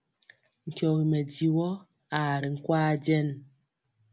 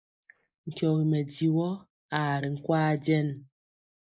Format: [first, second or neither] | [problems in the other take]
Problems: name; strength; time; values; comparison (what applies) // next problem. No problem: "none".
first | noise reduction (neural mask model Resemble Enhance denoiser)